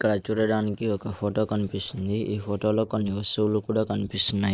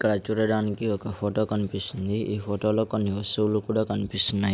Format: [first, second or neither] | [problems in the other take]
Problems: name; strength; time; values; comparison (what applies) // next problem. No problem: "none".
second | noise reduction (neural mask model Resemble Enhance denoiser)